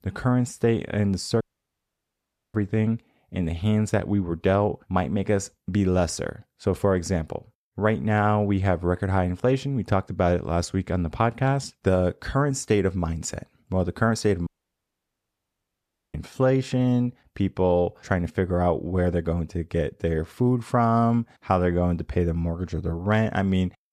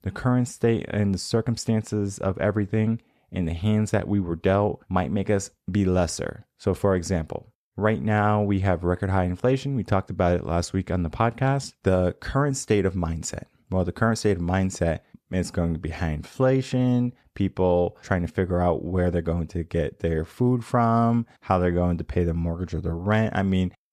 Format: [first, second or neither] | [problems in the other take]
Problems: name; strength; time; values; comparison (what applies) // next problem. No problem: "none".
second | audio cutting out; at 1.5 s for 1 s and at 14 s for 1.5 s